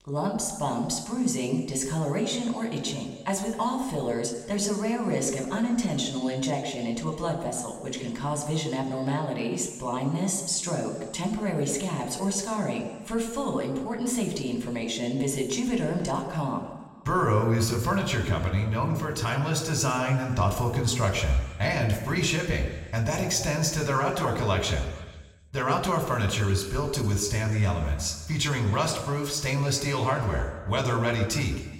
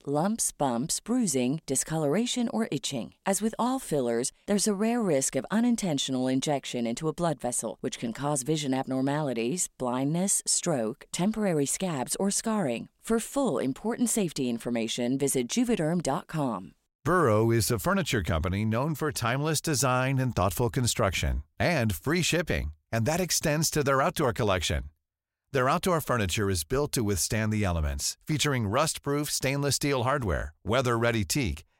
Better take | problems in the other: second | room echo; slight; dies away in 1.4 s // off-mic speech; somewhat distant

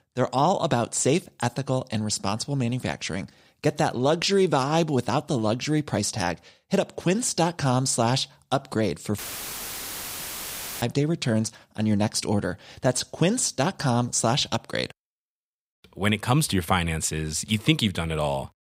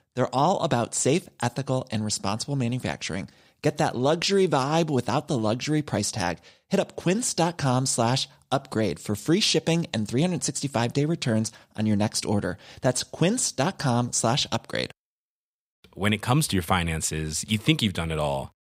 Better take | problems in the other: second | audio cutting out; filled with static; at 9 s for 1.5 s

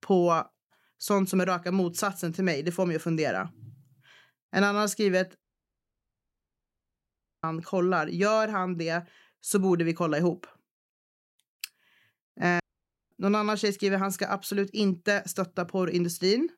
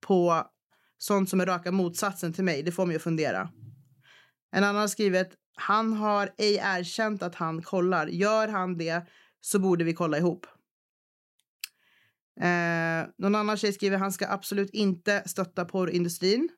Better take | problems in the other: second | audio cutting out; at 5.5 s for 2 s and at 13 s for 0.5 s

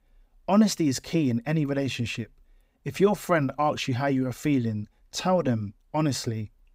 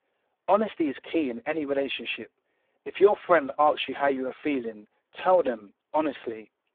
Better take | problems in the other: first | phone-call audio; poor line; nothing above 3.5 kHz

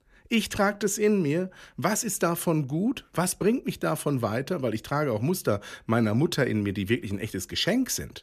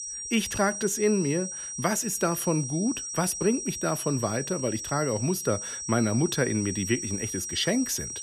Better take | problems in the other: first | high-pitched whine; loud; throughout; 5.5 kHz, 5 dB below the speech

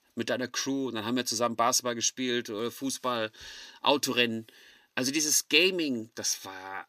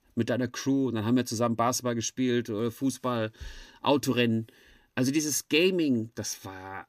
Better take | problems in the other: second | thin; very slightly; fading below 600 Hz

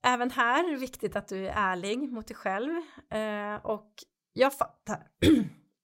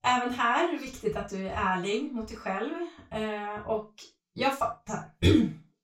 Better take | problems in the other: first | room echo; noticeable; dies away in 0.2 s // off-mic speech; far

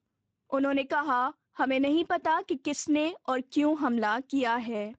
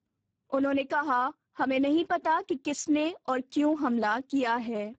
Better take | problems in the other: first | garbled, watery; badly; nothing above 7.5 kHz; slightly in the first

